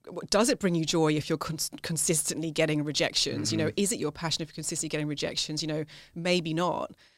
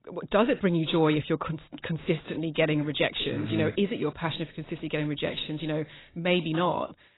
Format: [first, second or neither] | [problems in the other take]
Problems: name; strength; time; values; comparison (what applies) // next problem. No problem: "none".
first | garbled, watery; badly; nothing above 4 kHz